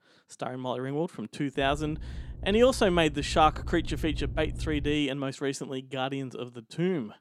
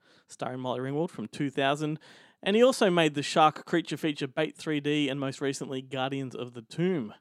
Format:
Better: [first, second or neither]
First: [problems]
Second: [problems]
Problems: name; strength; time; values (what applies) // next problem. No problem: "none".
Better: second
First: low rumble; faint; from 1.5 to 5 s; 25 dB below the speech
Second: none